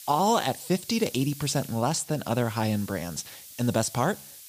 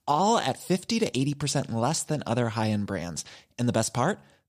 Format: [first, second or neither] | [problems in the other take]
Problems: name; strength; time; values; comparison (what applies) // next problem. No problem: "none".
second | hiss; noticeable; throughout; 15 dB below the speech